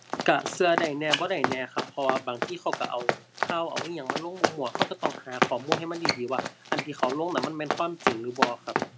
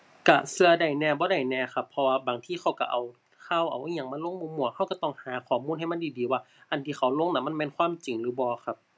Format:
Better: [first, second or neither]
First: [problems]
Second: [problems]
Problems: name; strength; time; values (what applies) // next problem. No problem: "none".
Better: second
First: background sound (Run); as loud as the speech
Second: none